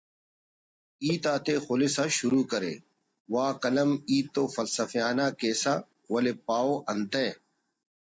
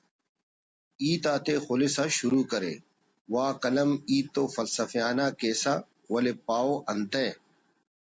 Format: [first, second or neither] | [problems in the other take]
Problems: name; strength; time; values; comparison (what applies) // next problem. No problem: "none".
second | noise reduction (neural mask model DeepFilterNet 3)